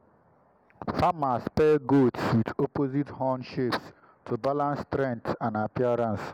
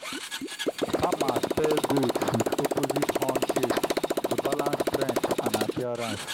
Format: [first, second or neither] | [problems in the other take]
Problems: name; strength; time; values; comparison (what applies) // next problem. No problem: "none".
first | background sound (Motorcycle); 4 dB above the speech